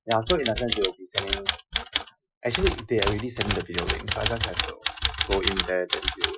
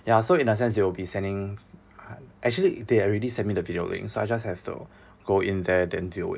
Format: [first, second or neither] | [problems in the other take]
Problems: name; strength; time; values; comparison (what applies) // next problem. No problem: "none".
second | noise reduction (classical method Wiener filter)